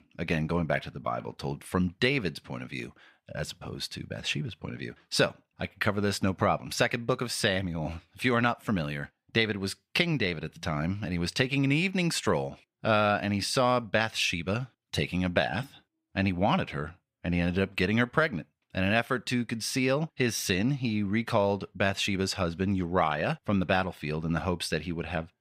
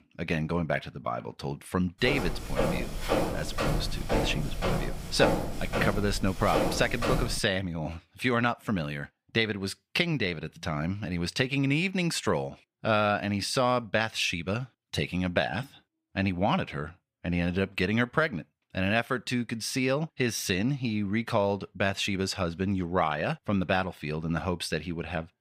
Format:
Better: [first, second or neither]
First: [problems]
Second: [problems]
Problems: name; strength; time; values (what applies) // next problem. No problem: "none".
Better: first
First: none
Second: footsteps; loud; from 2 to 7.5 s; peak 2 dB above the speech